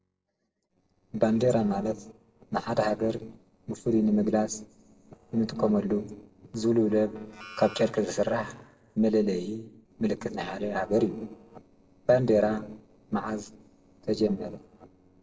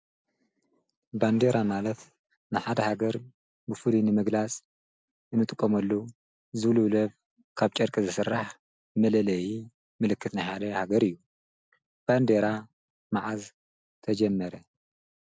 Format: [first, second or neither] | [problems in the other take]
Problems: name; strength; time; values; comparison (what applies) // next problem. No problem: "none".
second | noise reduction (neural separator model SepFormer DNS4)